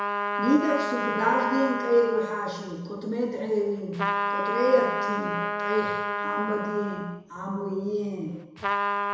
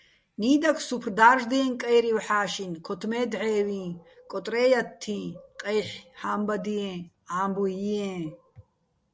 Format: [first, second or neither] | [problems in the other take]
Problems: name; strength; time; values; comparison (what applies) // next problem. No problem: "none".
second | background sound (Trumpet); 3 dB below the speech // room echo; dies away in 1 s